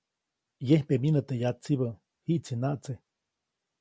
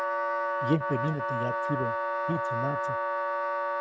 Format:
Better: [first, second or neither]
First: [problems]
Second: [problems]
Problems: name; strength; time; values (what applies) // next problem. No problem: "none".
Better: first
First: none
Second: noise reduction (neural mask model RNNoise)